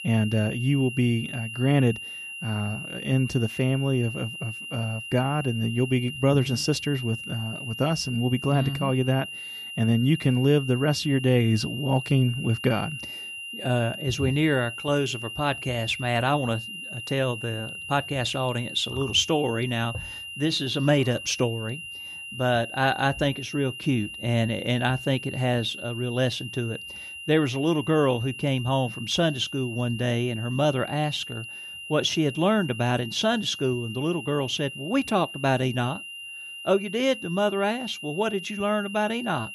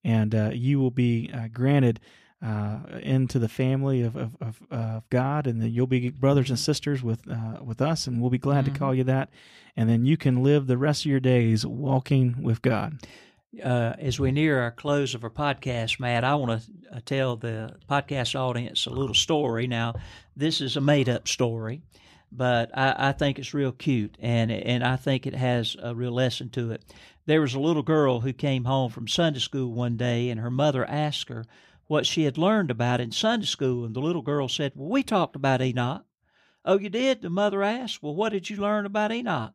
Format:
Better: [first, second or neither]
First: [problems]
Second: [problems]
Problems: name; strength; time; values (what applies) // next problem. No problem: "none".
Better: second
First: high-pitched whine; loud; throughout; 3 kHz, 9 dB below the speech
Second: none